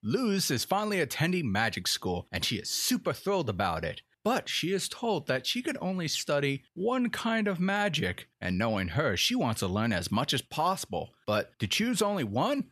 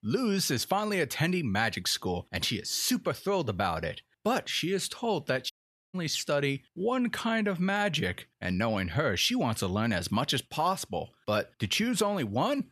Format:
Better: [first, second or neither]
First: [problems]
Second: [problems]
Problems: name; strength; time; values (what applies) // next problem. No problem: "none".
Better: first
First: none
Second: audio cutting out; at 5.5 s